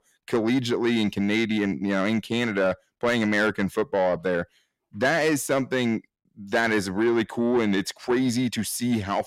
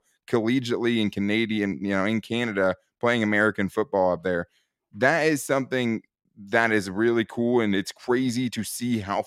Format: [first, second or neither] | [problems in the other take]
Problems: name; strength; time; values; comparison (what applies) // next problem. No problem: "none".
second | distortion; slight; 10 dB below the speech